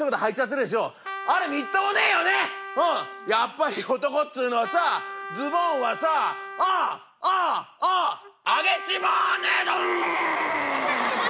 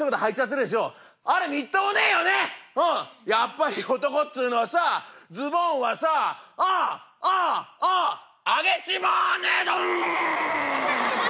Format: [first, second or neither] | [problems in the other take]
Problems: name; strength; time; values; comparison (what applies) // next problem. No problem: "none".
second | background sound (Trumpet); 12 dB below the speech